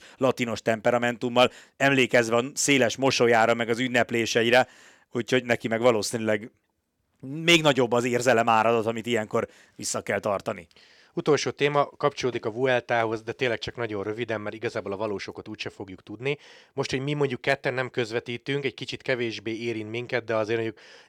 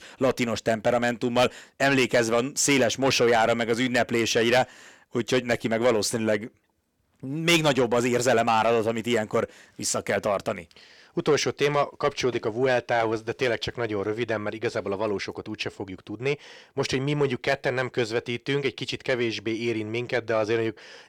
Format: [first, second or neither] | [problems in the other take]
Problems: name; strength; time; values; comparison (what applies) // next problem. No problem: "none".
first | distortion; slight; 10 dB below the speech